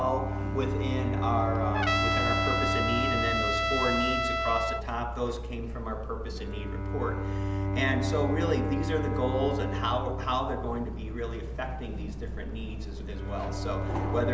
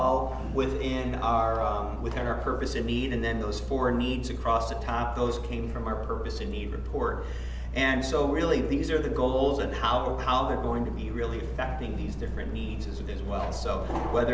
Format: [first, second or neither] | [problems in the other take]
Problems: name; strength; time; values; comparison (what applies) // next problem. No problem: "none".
second | background sound (Trumpet + Bowed string instrument); as loud as the speech